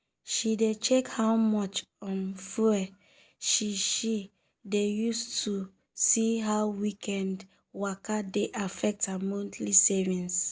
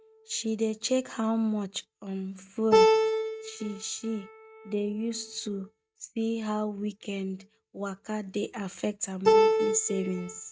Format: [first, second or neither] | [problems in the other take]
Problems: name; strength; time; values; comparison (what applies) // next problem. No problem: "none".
first | noise reduction (neural mask model RNNoise)